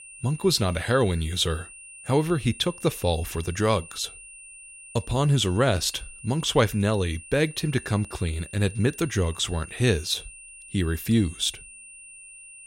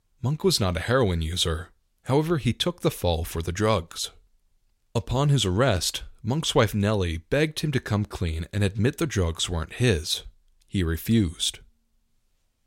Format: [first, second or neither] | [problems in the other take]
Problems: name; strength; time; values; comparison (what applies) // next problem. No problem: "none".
second | high-pitched whine; noticeable; throughout; 2.5 kHz, 15 dB below the speech